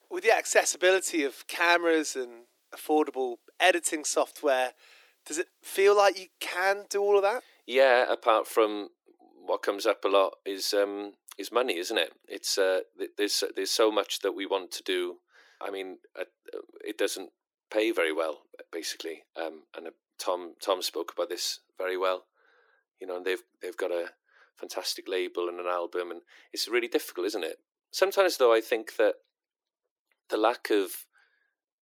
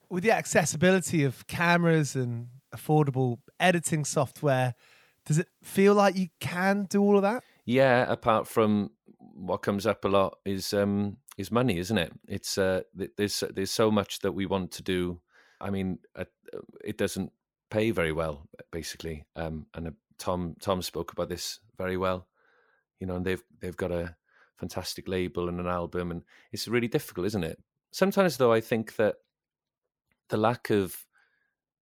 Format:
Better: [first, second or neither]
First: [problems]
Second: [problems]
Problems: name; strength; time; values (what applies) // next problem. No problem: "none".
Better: second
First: thin; very; fading below 300 Hz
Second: none